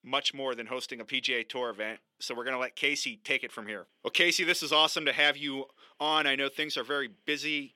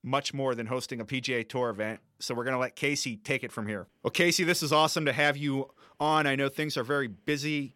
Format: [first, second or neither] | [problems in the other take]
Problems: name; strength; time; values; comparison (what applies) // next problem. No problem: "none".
second | thin; very slightly; fading below 300 Hz